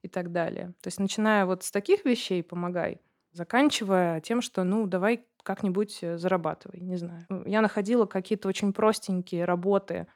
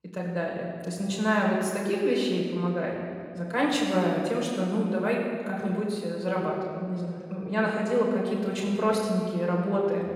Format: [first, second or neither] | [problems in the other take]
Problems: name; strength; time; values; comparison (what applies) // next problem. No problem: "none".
first | off-mic speech; far // room echo; noticeable; dies away in 2.2 s